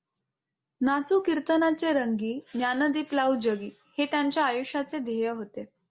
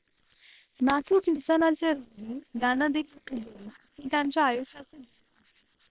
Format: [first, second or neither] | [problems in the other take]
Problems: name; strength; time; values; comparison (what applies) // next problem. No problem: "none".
first | noise reduction (neural separator model SepFormer WHAM!)